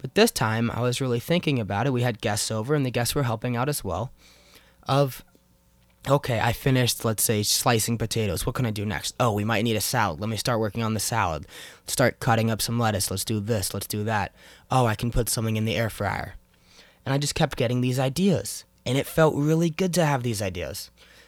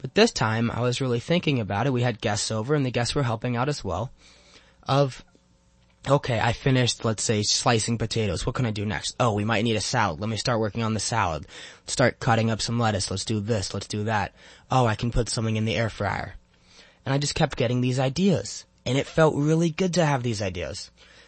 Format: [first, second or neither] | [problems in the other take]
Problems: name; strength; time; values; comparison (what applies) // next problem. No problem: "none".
first | garbled, watery; slightly; nothing above 8 kHz